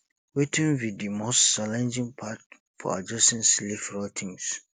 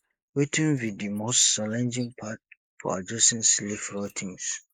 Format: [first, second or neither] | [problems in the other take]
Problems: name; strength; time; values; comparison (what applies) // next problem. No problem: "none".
first | noise reduction (neural mask model Resemble Enhance denoiser)